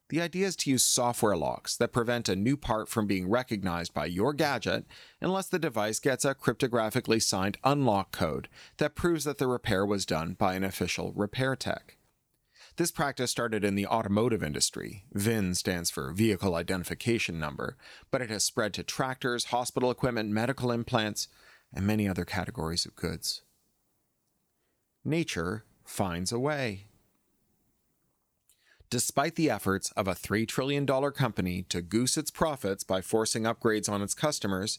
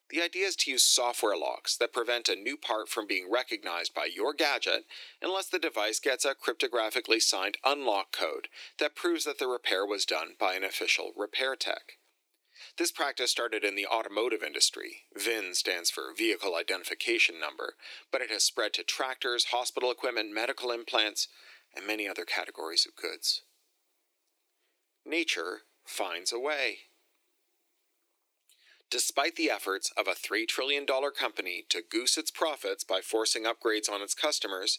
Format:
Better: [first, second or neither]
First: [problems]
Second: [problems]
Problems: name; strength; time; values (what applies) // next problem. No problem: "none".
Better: first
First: none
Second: thin; very; fading below 350 Hz